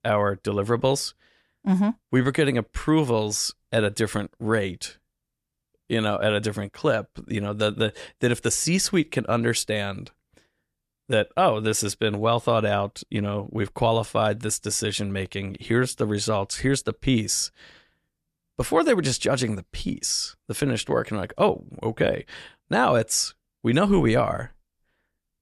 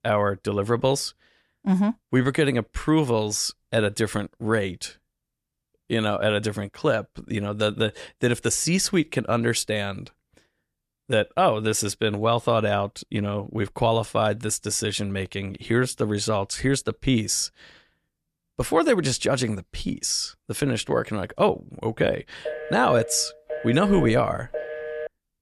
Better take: first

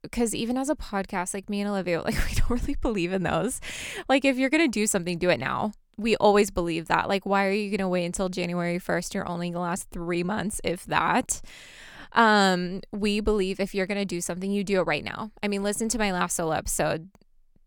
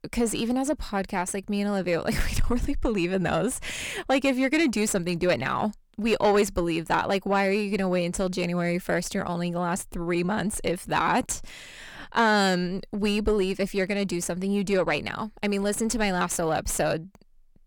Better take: first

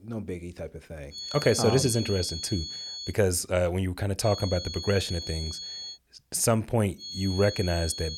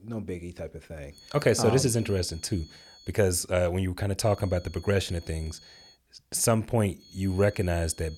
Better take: second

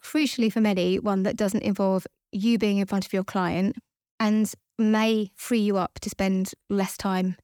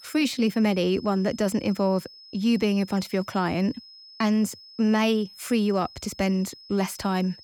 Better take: first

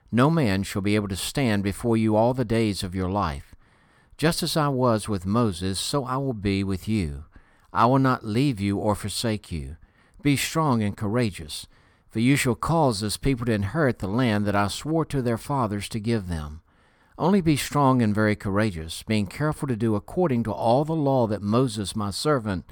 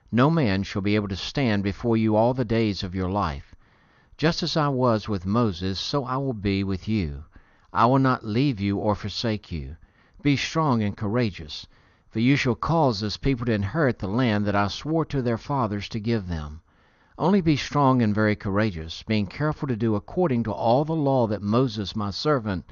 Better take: first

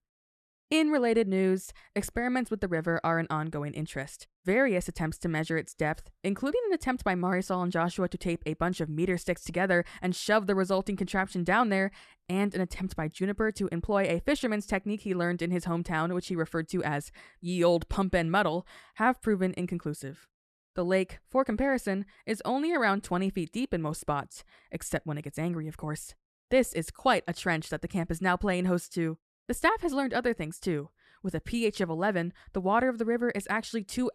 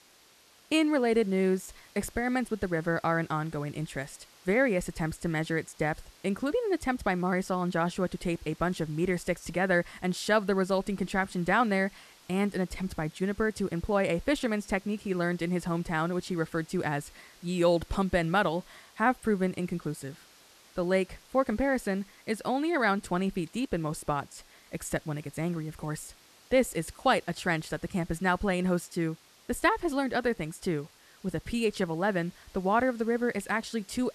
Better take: first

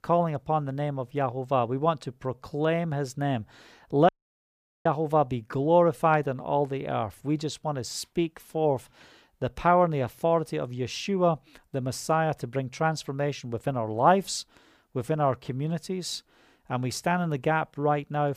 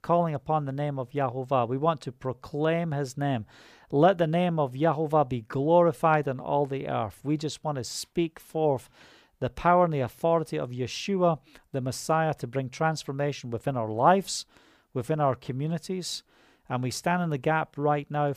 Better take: second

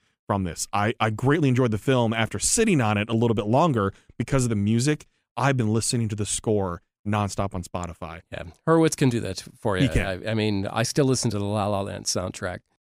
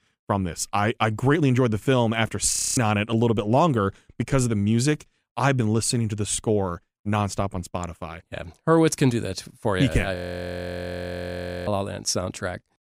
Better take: first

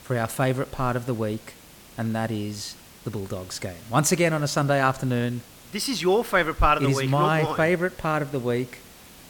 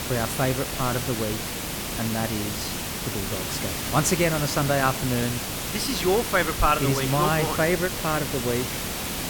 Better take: first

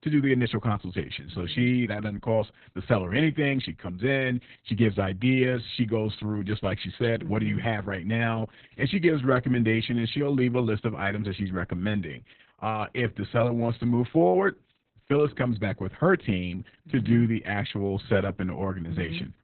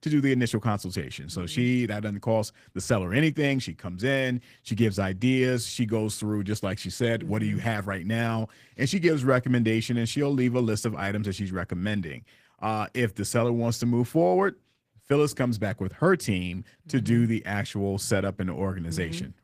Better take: second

